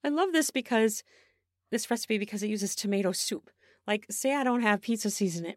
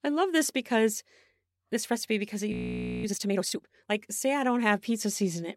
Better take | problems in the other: first | audio freezing; at 2.5 s for 0.5 s

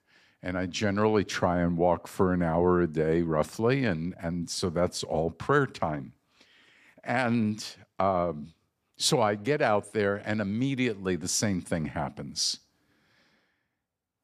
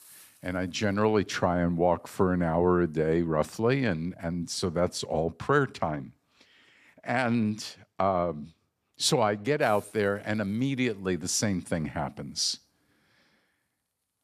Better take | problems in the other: first | hiss; faint; throughout; 30 dB below the speech

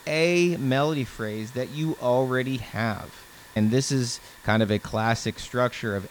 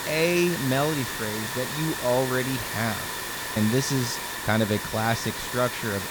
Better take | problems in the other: first | hiss; loud; throughout; 4 dB below the speech; faint in the first

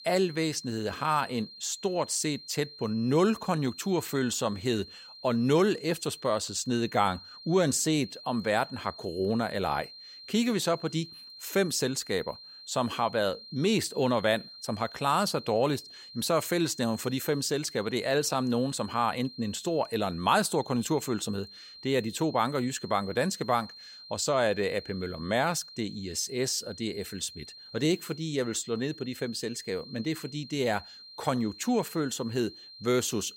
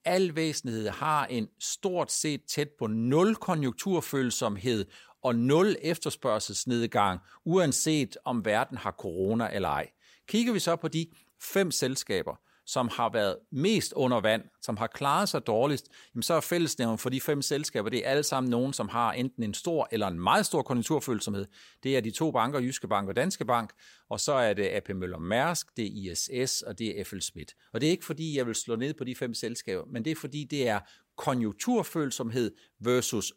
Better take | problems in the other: second | high-pitched whine; noticeable; throughout; 4 kHz, 15 dB below the speech

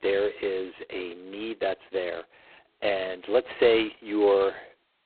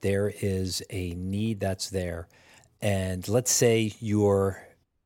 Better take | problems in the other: second | phone-call audio; poor line; nothing above 4 kHz

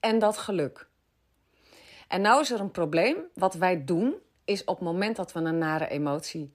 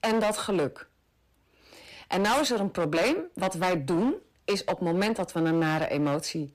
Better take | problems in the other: first | distortion; heavy; 14% of the sound clipped

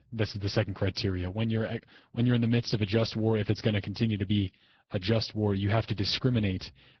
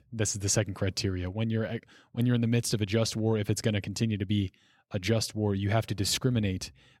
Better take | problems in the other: second | garbled, watery; badly; nothing above 5.5 kHz

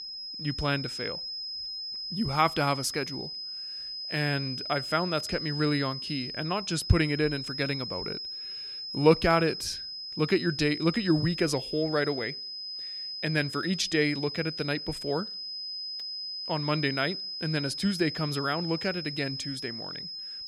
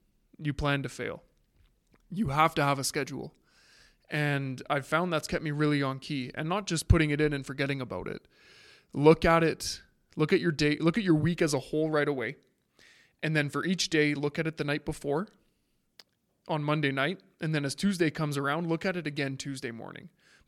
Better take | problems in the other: second | high-pitched whine; loud; throughout; 5 kHz, 6 dB below the speech

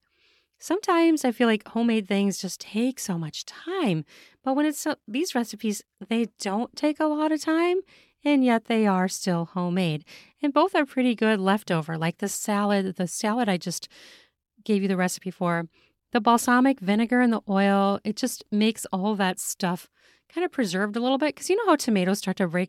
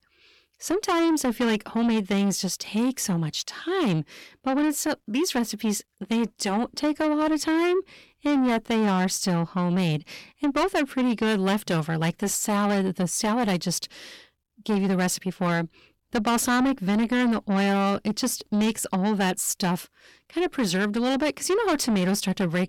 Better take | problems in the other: first | distortion; heavy; 7 dB below the speech

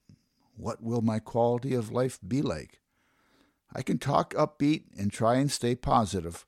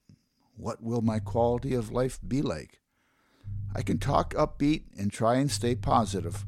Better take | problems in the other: first | low rumble; faint; from 1 to 2.5 s, from 3.5 to 5 s and at 5.5 s; 25 dB below the speech

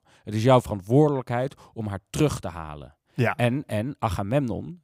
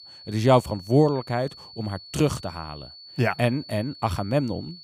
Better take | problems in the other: first | high-pitched whine; noticeable; throughout; 4.5 kHz, 20 dB below the speech

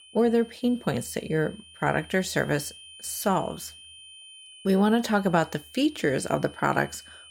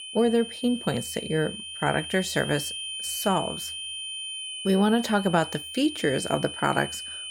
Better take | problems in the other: first | high-pitched whine; loud; throughout; 3 kHz, 8 dB below the speech; faint in the first

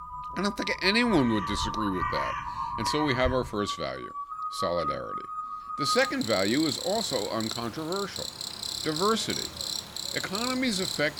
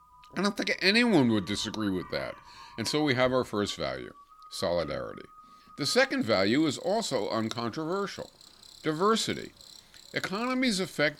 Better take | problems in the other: second | animal sounds; loud; throughout; 4 dB below the speech; faint in the second

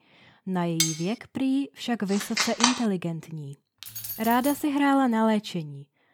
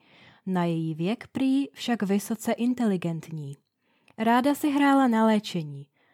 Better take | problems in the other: second | clattering dishes; loud; at 1 s; peak 1 dB above the speech // phone ringing; loud; at 2 s; peak 4 dB above the speech // jangling keys; noticeable; at 4 s; peak 6 dB below the speech

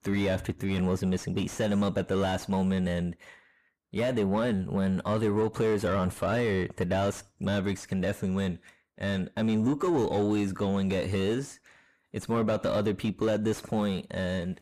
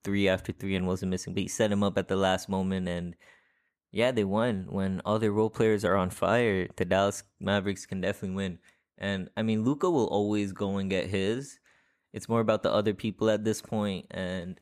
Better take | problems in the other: second | distortion; heavy; 7 dB below the speech

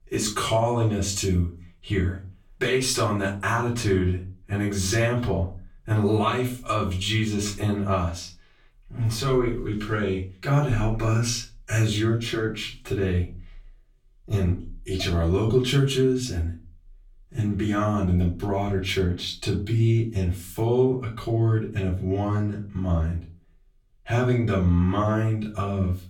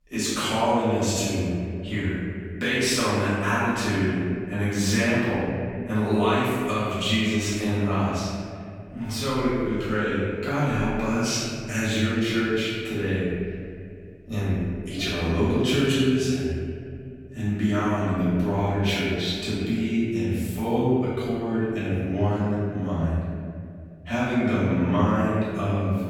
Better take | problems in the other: first | room echo; strong; dies away in 2.3 s; slight in the first // off-mic speech; far; far in the first

